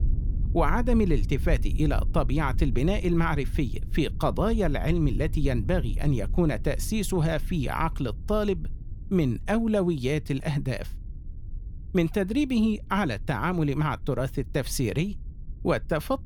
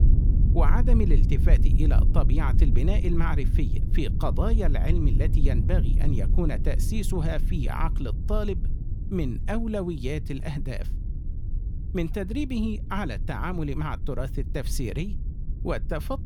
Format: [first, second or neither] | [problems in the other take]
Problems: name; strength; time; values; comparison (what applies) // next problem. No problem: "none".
first | low rumble; loud; throughout; 10 dB below the speech; faint in the first